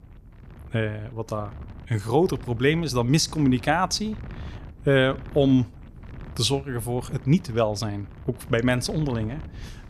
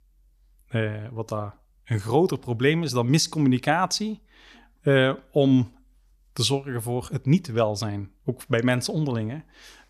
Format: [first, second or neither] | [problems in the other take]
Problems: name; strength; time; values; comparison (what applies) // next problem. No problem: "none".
second | wind noise on the microphone; occasional gusts; 25 dB below the speech